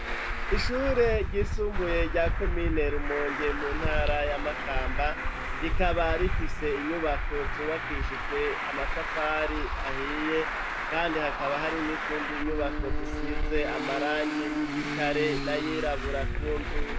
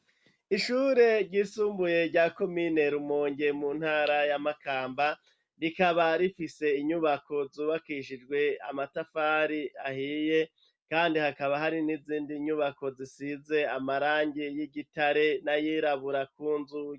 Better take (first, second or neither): second